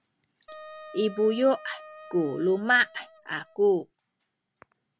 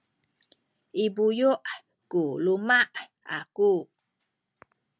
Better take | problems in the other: second | background sound (Wind instrument, woodwind instrument); 19 dB below the speech

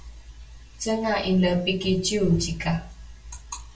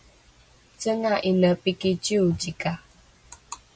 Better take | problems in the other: second | room echo; dies away in 0.3 s

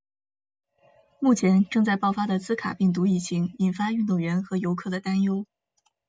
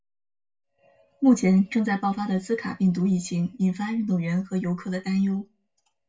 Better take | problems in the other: first | room echo; dies away in 0.2 s

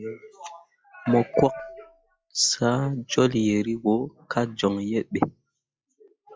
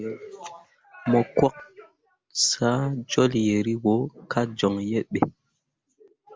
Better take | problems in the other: second | noise reduction (classical method log-MMSE)

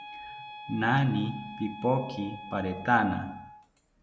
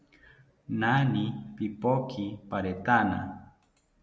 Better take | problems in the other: second | background sound (Wind instrument, woodwind instrument); 14 dB below the speech

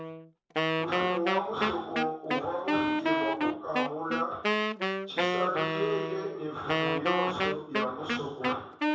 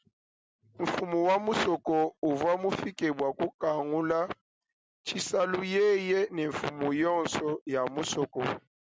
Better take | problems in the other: second | background sound (Wind instrument, woodwind instrument); 3 dB above the speech // room echo; dies away in 0.7 s

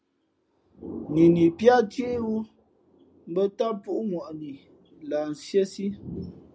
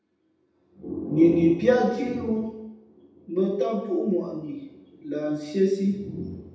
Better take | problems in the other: first | room echo; dies away in 0.8 s

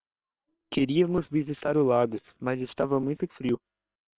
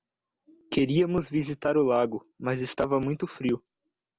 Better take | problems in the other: second | noise reduction (neural separator model SepFormer WHAM!)

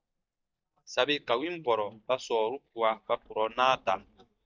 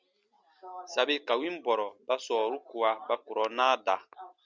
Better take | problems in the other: second | noise reduction (neural mask model DeepFilterNet 3)

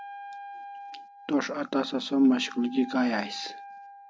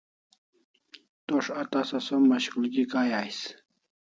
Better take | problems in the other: second | background sound (Wind instrument, woodwind instrument); 15 dB below the speech

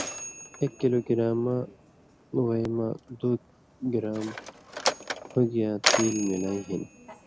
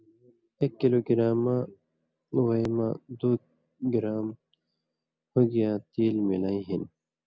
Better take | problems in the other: second | background sound (Mechanisms); 6 dB below the speech

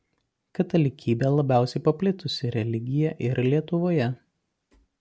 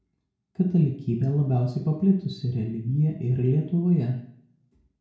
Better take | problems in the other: first | room echo; dies away in 0.6 s

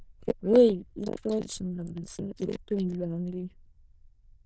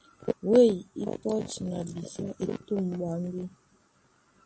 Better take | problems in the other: second | noise reduction (neural diffusion model UNIVERSE++)

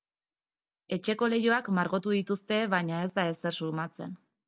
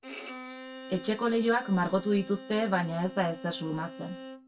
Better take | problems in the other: first | background sound (Bowed string instrument); 14 dB below the speech // room echo; dies away in 0.2 s

